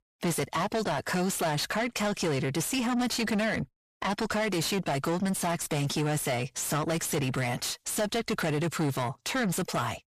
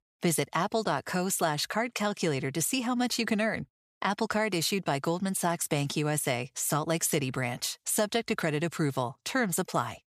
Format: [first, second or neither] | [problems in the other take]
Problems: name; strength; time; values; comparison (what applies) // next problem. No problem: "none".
second | distortion; heavy; 6 dB below the speech